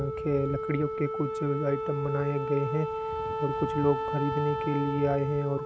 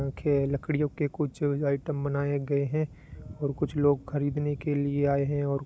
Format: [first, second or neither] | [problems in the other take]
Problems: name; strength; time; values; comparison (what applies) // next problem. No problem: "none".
second | background sound (Wind instrument, woodwind instrument); 3 dB below the speech